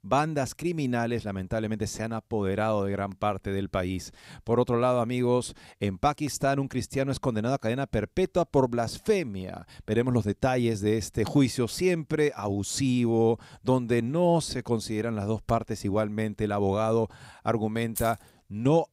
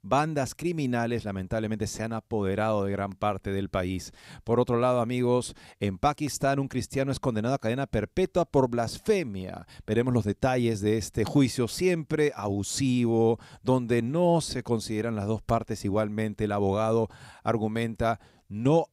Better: second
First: jangling keys; noticeable; at 18 s; peak 9 dB below the speech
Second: none

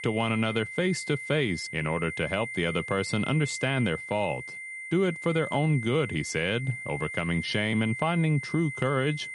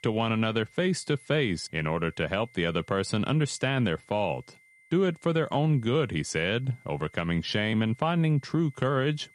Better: second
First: high-pitched whine; loud; throughout; 2 kHz, 8 dB below the speech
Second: high-pitched whine; faint; throughout; 2 kHz, 30 dB below the speech

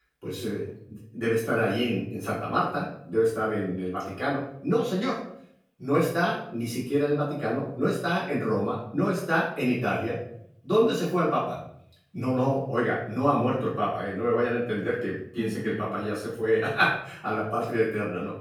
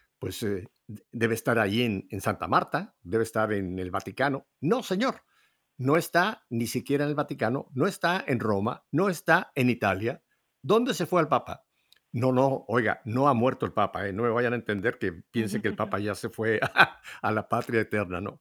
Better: second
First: off-mic speech; far // room echo; noticeable; dies away in 0.6 s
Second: none

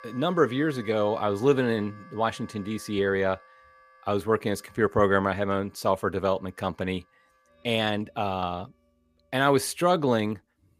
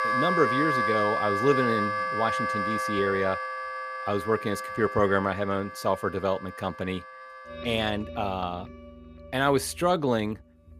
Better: first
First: background music; faint; throughout; 25 dB below the speech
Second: background music; loud; throughout; 2 dB below the speech

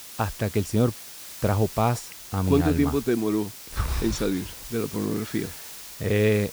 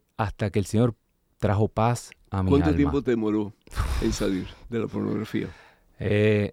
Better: second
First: hiss; noticeable; throughout; 10 dB below the speech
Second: none

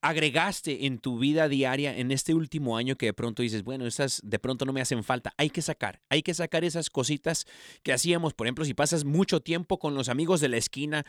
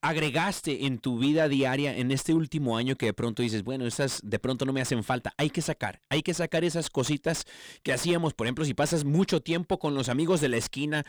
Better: first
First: none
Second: distortion; slight; 10 dB below the speech

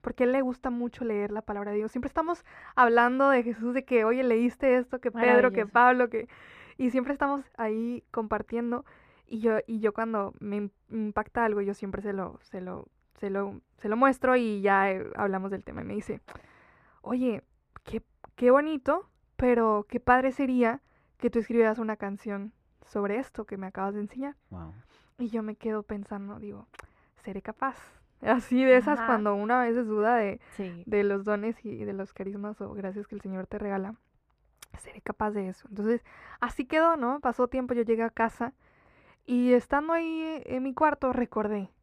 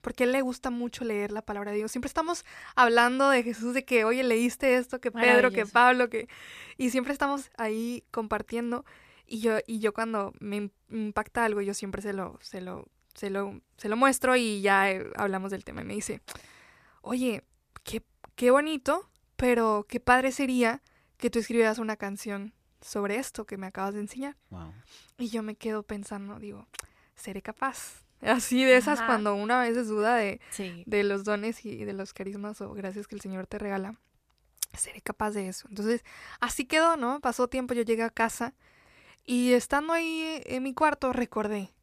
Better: second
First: muffled; very; fading above 3 kHz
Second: none

